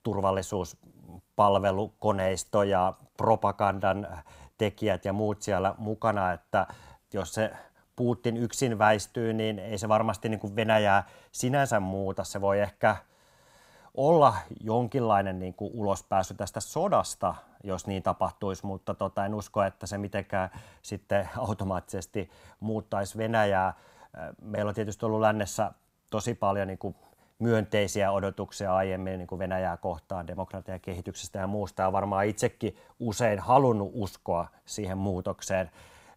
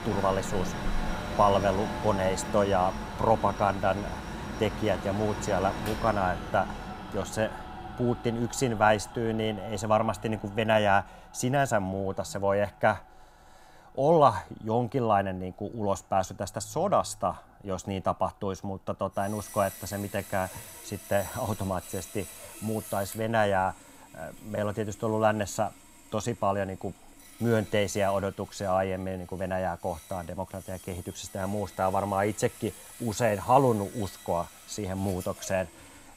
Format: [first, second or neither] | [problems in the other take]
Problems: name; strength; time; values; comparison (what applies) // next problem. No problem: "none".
first | machinery noise; noticeable; throughout; 10 dB below the speech